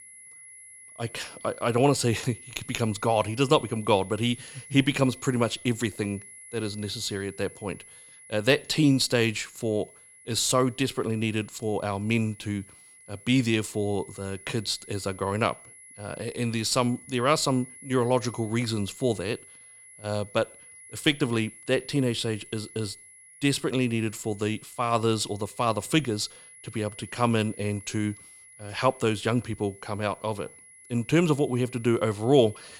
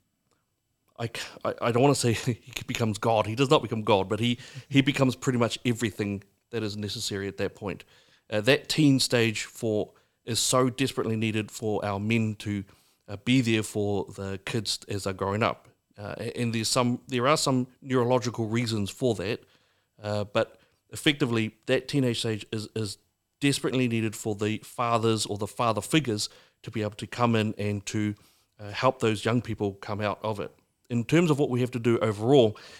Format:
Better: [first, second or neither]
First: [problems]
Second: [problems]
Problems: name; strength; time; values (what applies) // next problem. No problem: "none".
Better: second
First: high-pitched whine; noticeable; throughout; 10.5 kHz, 20 dB below the speech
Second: none